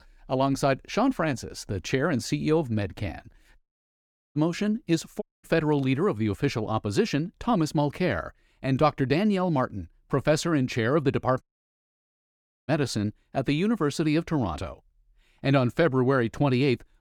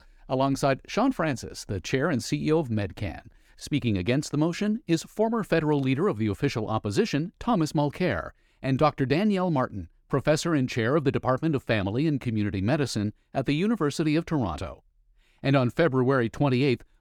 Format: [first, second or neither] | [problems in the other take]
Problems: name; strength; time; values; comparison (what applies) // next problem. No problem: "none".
second | audio cutting out; at 3.5 s for 1 s, at 5 s and at 11 s for 1.5 s